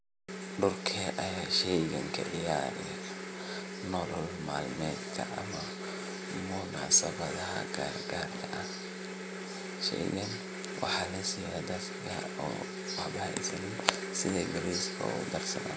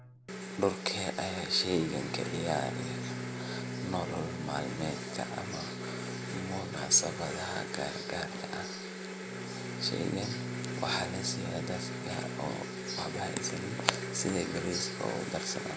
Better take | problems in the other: first | background sound (Bowed string instrument); 9 dB below the speech

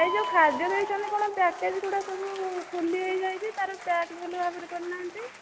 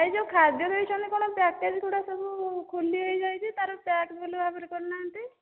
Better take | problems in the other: second | background sound (Applause / Crowd / Cheering + Bird); 10 dB below the speech

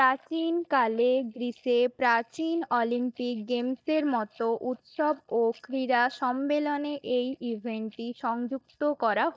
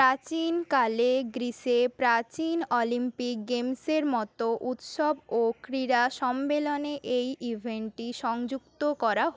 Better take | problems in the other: second | noise reduction (neural mask model DeepFilterNet 3)

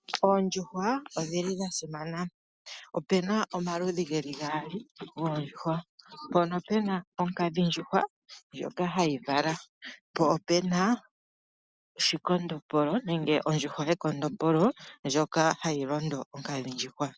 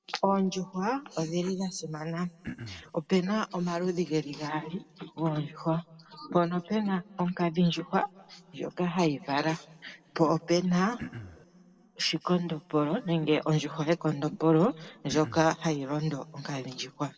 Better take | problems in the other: first | background sound (Cough); 11 dB below the speech // room echo; dies away in 2.2 s

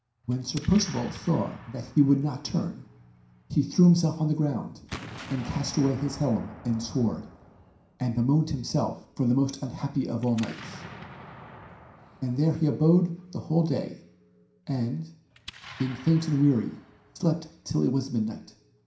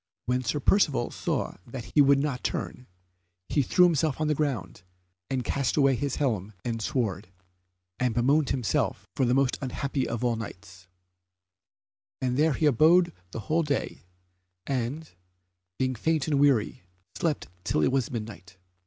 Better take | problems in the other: second | background sound (Explosion); 19 dB below the speech // room echo; dies away in 0.5 s

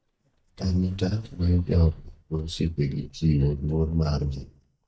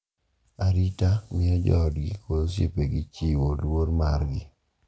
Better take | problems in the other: second | noise reduction (neural mask model DeepFilterNet 3)

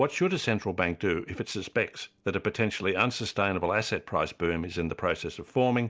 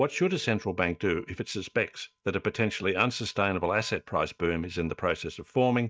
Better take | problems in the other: first | noise reduction (neural mask model DeepFilterNet 3)

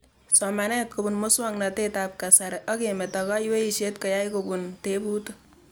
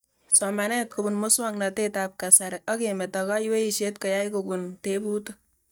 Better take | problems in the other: first | noise reduction (neural mask model DeepFilterNet 3)

